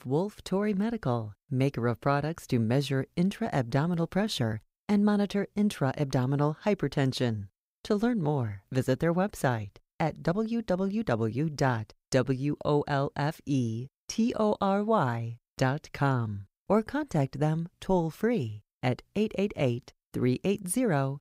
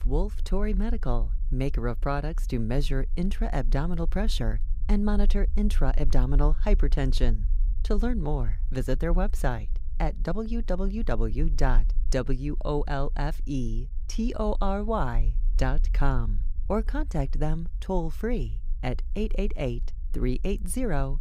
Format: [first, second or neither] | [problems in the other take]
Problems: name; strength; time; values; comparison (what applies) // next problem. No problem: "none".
first | low rumble; faint; throughout; 25 dB below the speech